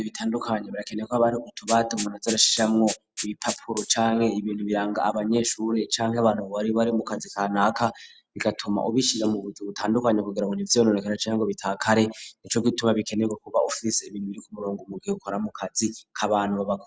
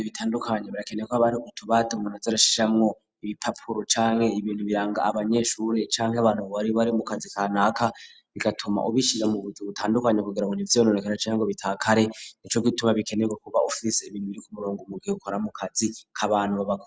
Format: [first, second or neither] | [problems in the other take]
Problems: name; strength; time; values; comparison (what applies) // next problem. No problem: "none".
second | background sound (Rattle (instrument)); 13 dB below the speech